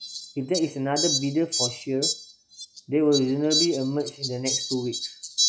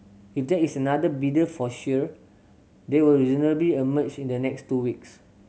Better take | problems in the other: second | noise reduction (classical method log-MMSE)

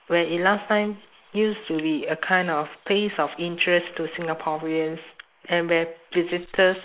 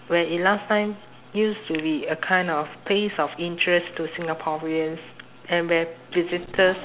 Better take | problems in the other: second | noise reduction (neural mask model Resemble Enhance denoiser)

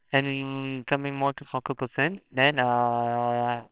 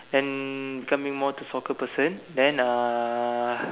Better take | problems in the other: second | noise reduction (neural separator model SepFormer WHAMR!)

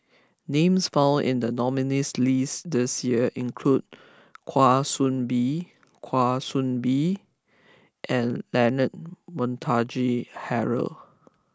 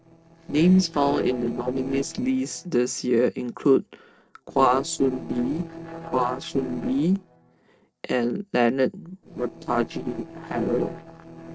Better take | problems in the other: first | noise reduction (neural separator model SepFormer DNS4)

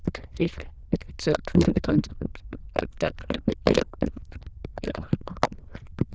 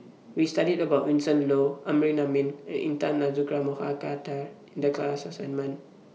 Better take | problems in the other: second | noise reduction (neural diffusion model UNIVERSE++)

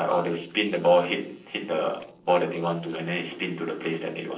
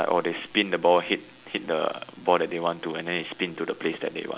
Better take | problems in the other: second | noise reduction (neural separator model SepFormer DNS4)

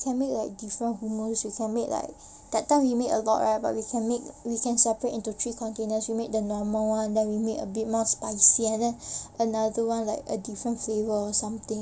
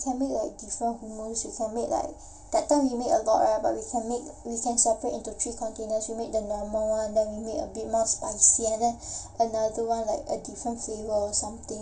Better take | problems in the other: first | room echo; dies away in 0.2 s

